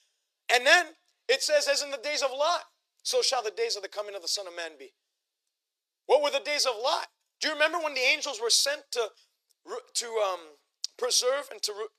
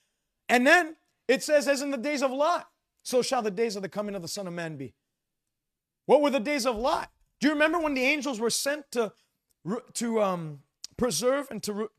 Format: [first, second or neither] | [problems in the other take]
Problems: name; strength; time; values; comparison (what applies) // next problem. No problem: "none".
second | thin; very; fading below 400 Hz